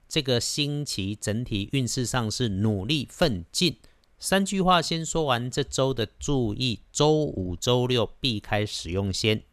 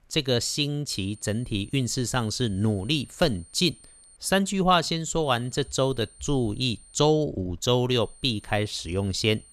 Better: first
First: none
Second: high-pitched whine; faint; from 1 to 4 s, from 5 to 7 s and from 8 s on; 9 kHz, 25 dB below the speech

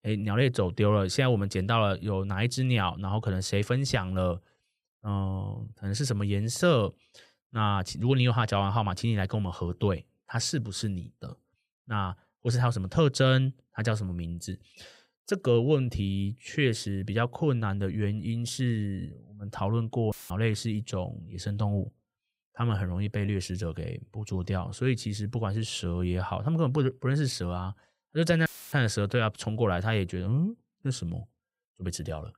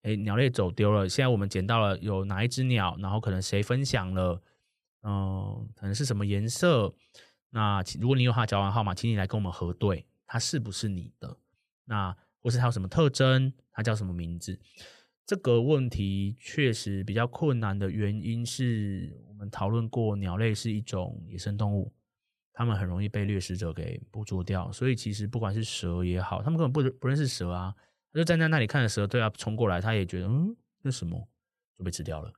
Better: second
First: audio cutting out; filled with static; at 20 s and at 28 s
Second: none

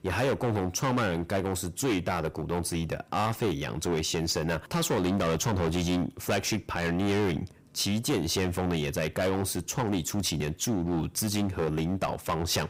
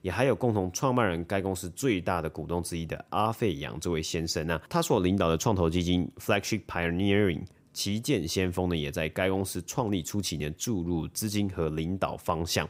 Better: second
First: distortion; heavy; 16% of the sound clipped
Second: none

